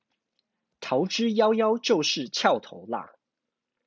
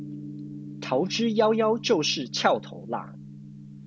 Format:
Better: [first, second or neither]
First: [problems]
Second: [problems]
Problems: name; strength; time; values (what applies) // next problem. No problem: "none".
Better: first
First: none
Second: background sound (Gong); 13 dB below the speech